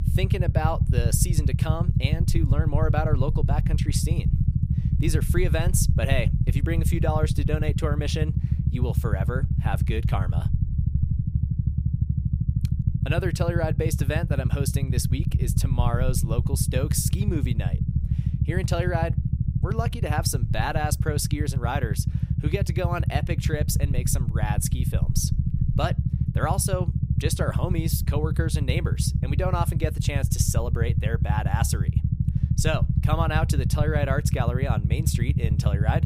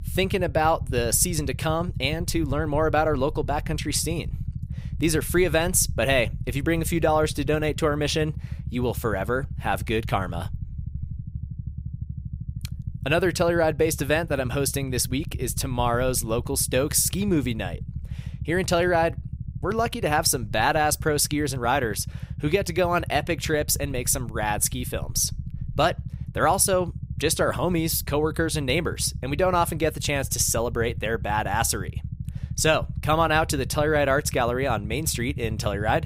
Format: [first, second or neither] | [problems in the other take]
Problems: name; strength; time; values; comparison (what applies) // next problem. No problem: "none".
second | low rumble; loud; throughout; 6 dB below the speech; faint in the second